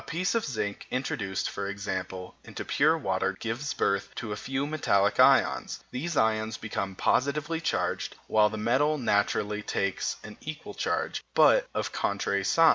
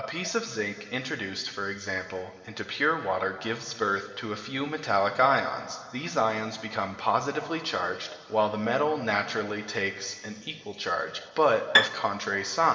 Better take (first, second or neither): first